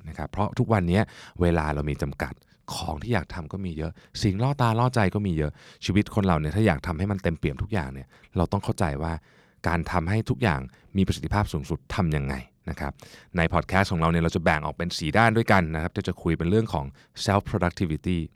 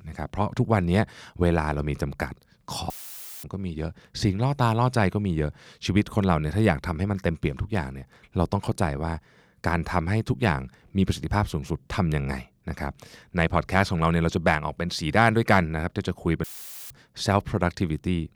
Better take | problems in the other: first | audio cutting out; filled with static; at 3 s for 0.5 s and at 16 s

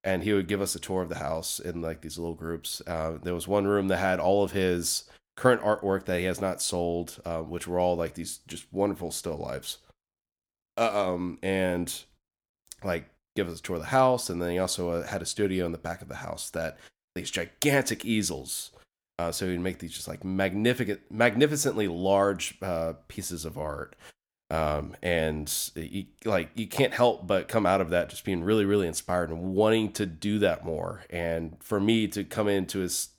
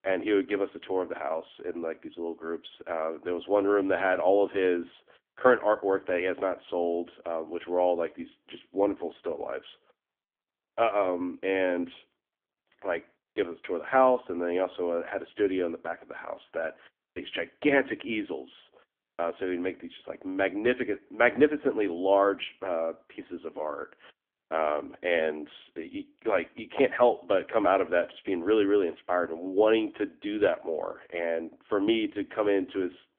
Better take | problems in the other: first | phone-call audio; poor line; nothing above 3.5 kHz

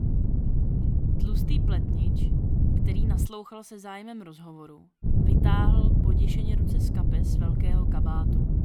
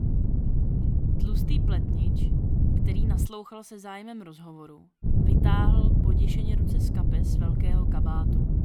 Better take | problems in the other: neither | wind noise on the microphone; heavy; until 3.5 s and from 5 s on; 3 dB above the speech; the same in both

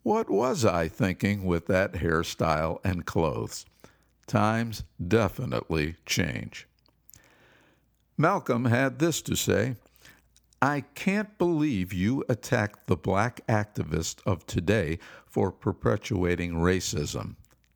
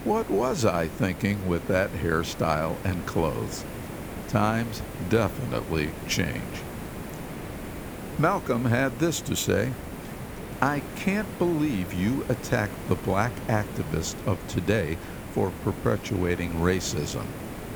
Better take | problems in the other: first | hiss; loud; throughout; 10 dB below the speech

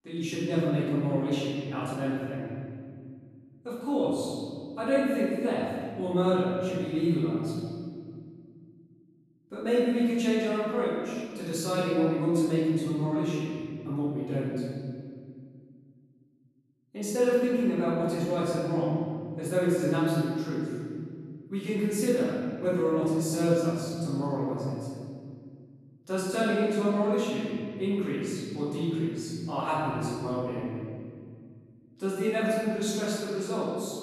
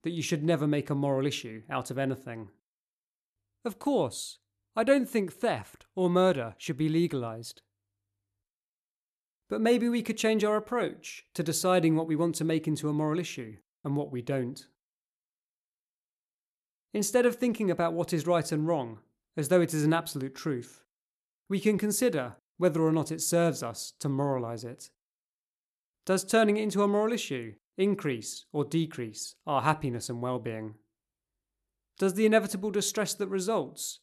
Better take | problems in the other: second | off-mic speech; far // room echo; strong; dies away in 2.3 s

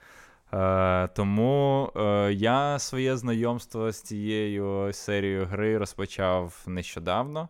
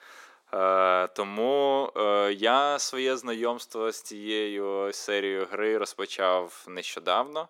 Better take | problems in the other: first | thin; somewhat; fading below 300 Hz

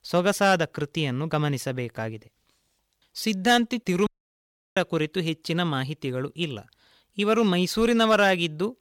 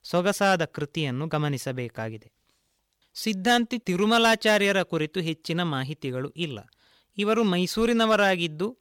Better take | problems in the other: second | audio cutting out; at 4 s for 0.5 s

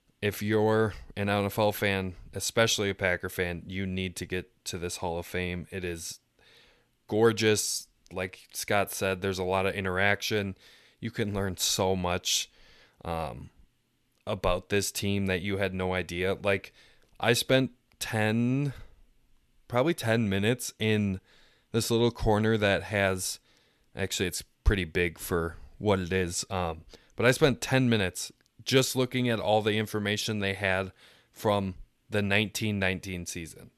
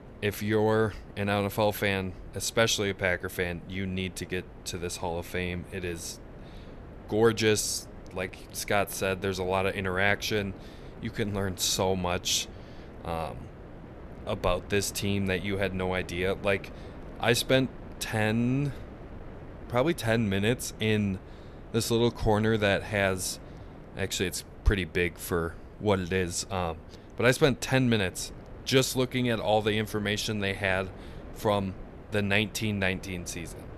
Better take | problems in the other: first | wind noise on the microphone; occasional gusts; 20 dB below the speech

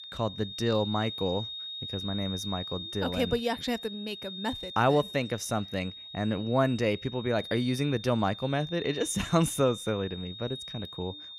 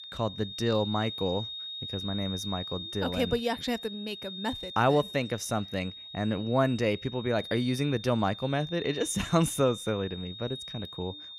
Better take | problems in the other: neither | high-pitched whine; loud; throughout; 3.5 kHz, 9 dB below the speech; the same in both

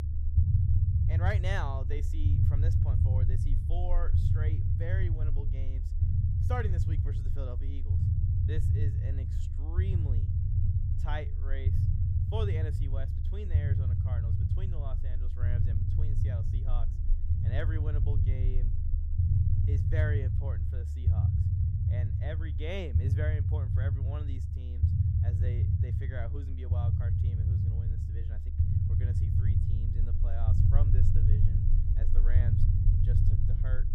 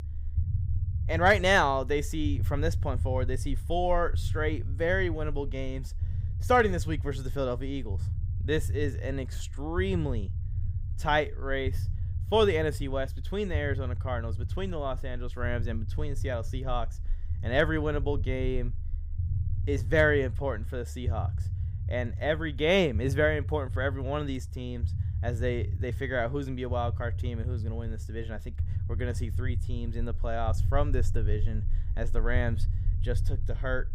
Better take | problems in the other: second | low rumble; loud; throughout; 1 dB below the speech; faint in the second

